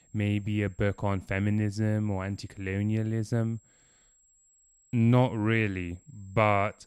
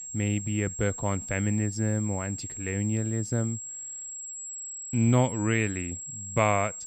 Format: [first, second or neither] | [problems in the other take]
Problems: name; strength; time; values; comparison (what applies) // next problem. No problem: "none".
first | high-pitched whine; loud; throughout; 7.5 kHz, 8 dB below the speech; faint in the first